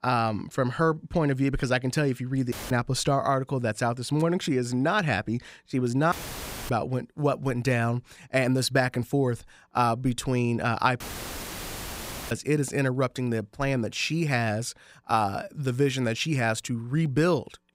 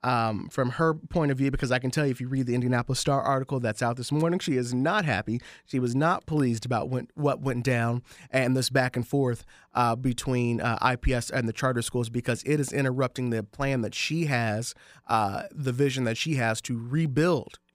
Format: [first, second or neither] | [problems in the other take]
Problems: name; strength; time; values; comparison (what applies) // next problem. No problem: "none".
second | audio cutting out; filled with static; at 2.5 s, at 6 s for 0.5 s and at 11 s for 1.5 s